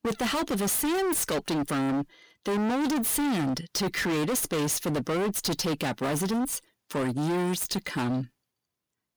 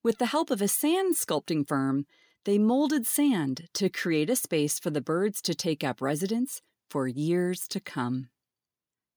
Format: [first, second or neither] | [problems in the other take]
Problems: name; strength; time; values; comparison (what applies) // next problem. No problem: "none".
second | distortion; heavy; 38% of the sound clipped